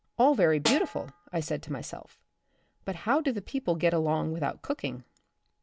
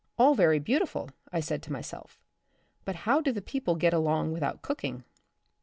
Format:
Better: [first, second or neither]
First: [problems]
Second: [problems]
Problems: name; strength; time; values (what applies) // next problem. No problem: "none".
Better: second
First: background sound (Snare drum); 7 dB below the speech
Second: none